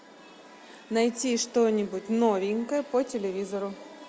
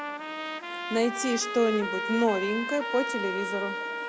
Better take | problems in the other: first | background sound (Trumpet); 4 dB below the speech

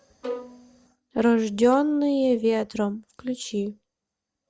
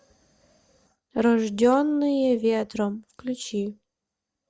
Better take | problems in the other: second | background sound (Bowed string instrument); 12 dB below the speech

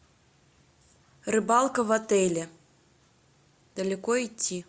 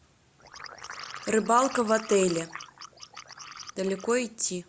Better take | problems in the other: first | background sound (Liquid); 14 dB below the speech

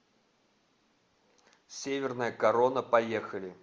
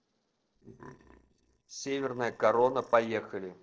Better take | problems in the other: first | noise reduction (neural separator model SepFormer DNS4)

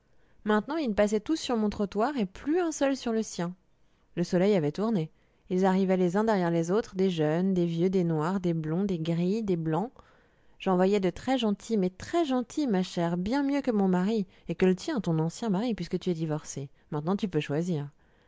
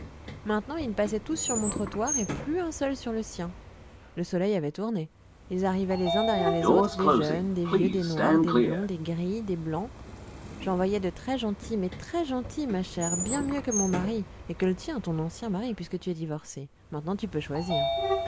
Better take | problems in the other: first | background sound (Sliding door / Train); 2 dB below the speech

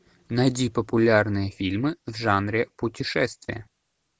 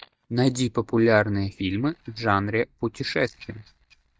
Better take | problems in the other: first | noise reduction (neural mask model DeepFilterNet 3)

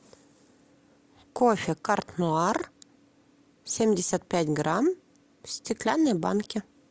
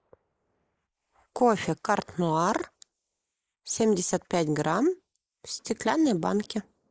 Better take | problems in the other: first | noise reduction (neural mask model Resemble Enhance denoiser)

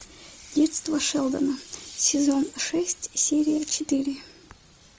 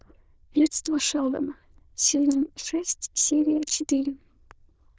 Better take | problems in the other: first | noise reduction (neural diffusion model UNIVERSE++)

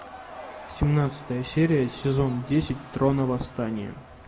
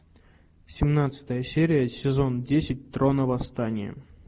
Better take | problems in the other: second | background sound (Crowd / Cheering); 18 dB below the speech // room echo; dies away in 1.4 s

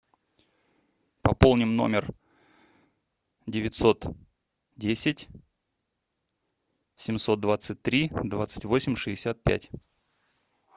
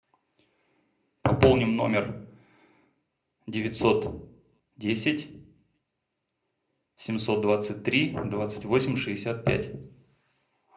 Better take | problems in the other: first | room echo; dies away in 0.4 s

